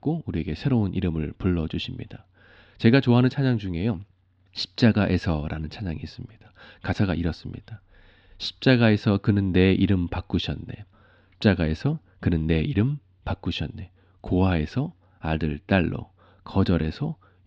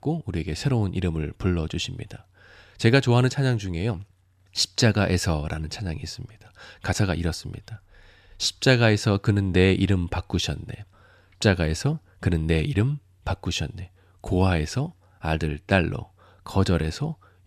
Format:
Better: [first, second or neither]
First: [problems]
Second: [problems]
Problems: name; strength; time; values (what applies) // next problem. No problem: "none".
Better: second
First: muffled; very slightly; fading above 4 kHz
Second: none